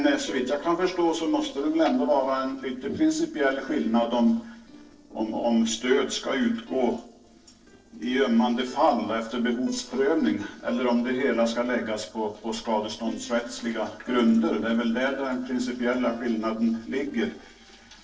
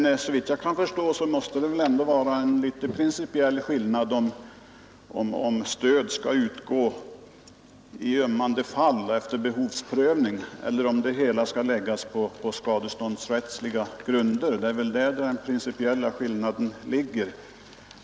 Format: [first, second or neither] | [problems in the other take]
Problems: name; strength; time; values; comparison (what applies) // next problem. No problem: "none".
second | noise reduction (neural separator model SepFormer DNS4)